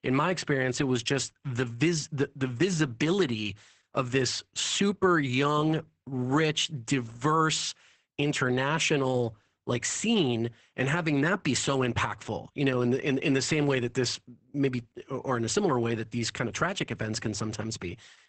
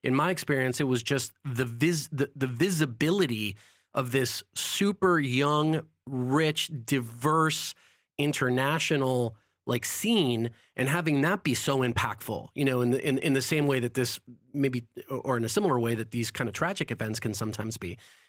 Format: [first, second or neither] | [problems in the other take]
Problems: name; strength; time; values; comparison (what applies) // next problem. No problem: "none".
second | garbled, watery; badly; nothing above 8 kHz; slightly in the second